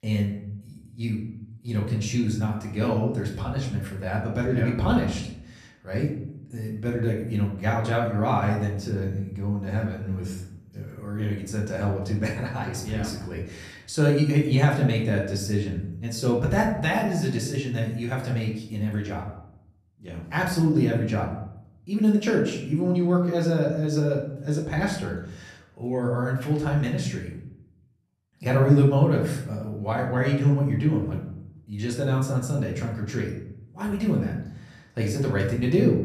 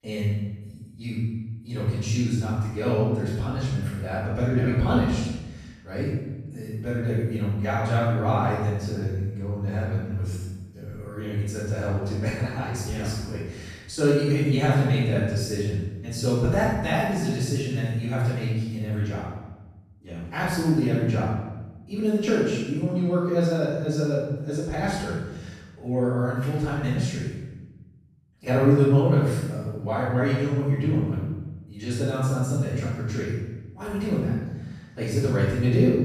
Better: first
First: room echo; slight; dies away in 0.7 s // off-mic speech; far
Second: room echo; strong; dies away in 1 s // off-mic speech; far

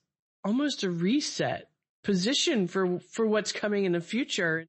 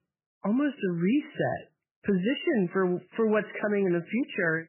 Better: first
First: garbled, watery; slightly; nothing above 8 kHz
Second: garbled, watery; badly; nothing above 3 kHz

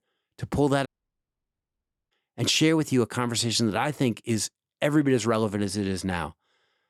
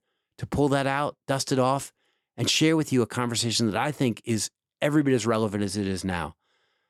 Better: second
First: audio cutting out; at 1 s for 1.5 s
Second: none

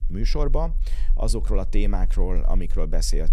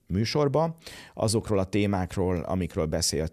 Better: second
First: low rumble; faint; throughout; 20 dB below the speech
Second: none

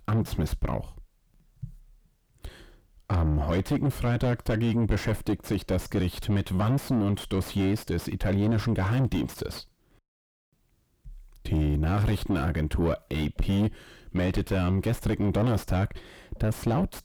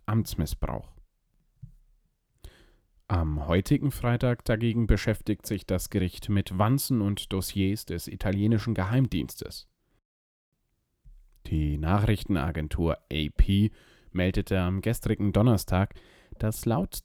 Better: second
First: distortion; heavy; 5 dB below the speech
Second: none

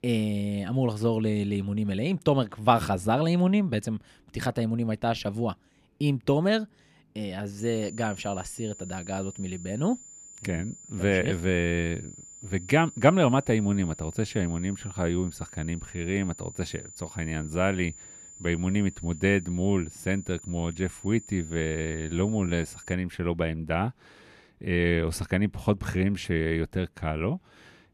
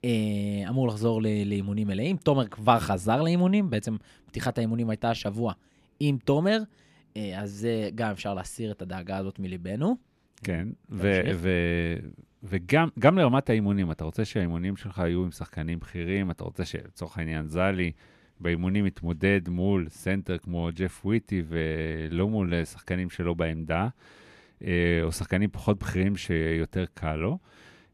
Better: second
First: high-pitched whine; noticeable; from 7.5 to 23 s; 7 kHz, 15 dB below the speech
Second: none

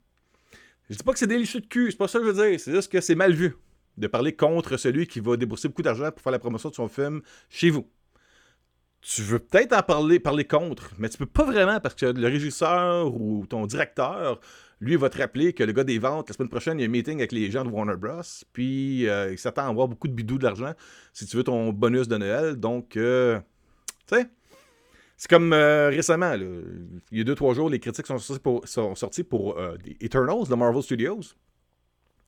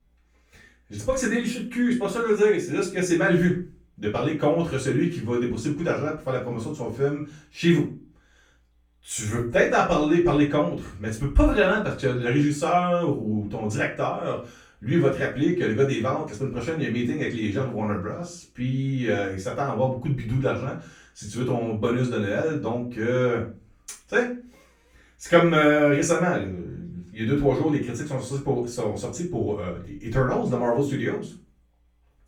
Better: first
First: none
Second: off-mic speech; far // room echo; slight; dies away in 0.3 s

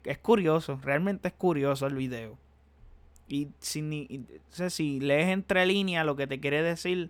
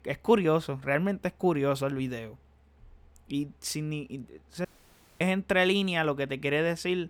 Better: first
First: none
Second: audio cutting out; at 4.5 s for 0.5 s

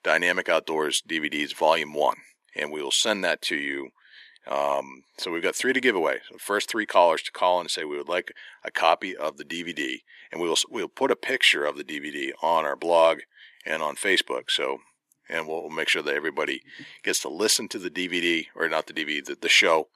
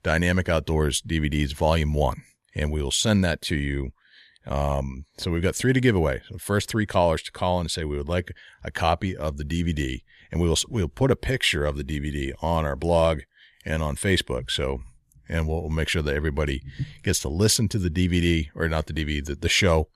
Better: second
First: thin; very; fading below 300 Hz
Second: none

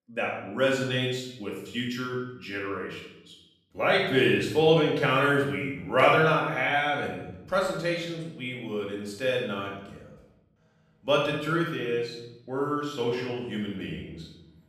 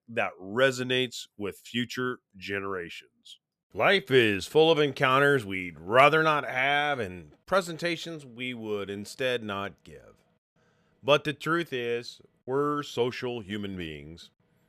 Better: second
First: room echo; noticeable; dies away in 0.8 s // off-mic speech; far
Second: none

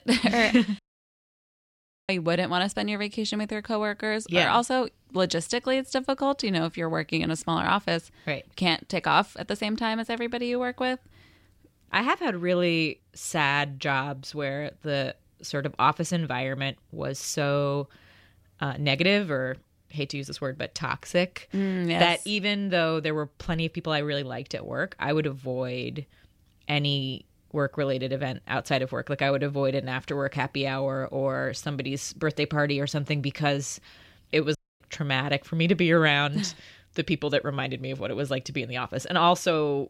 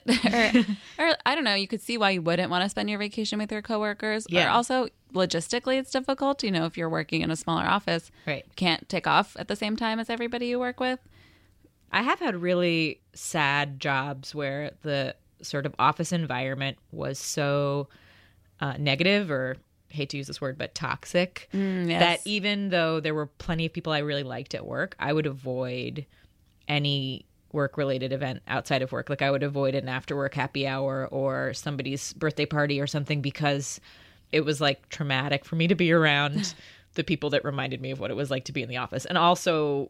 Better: second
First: audio cutting out; at 1 s for 1.5 s and at 35 s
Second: none

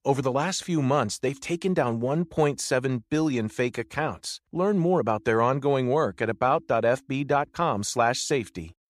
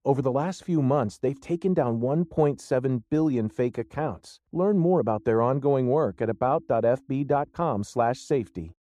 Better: first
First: none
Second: muffled; slightly; fading above 1.5 kHz

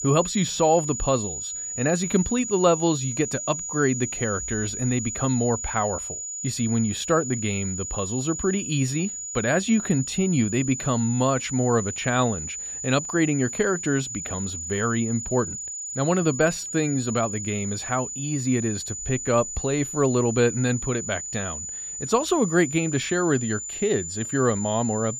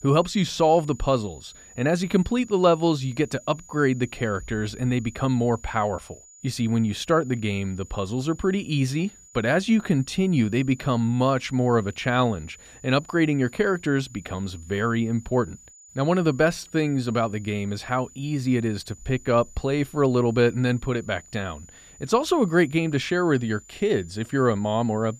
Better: second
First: high-pitched whine; loud; throughout; 7 kHz, 6 dB below the speech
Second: high-pitched whine; faint; throughout; 7 kHz, 25 dB below the speech

